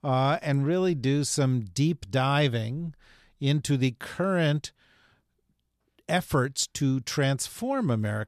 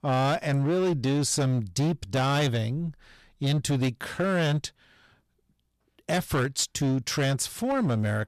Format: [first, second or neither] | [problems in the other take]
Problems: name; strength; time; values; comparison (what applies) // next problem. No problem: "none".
first | distortion; slight; 15% of the sound clipped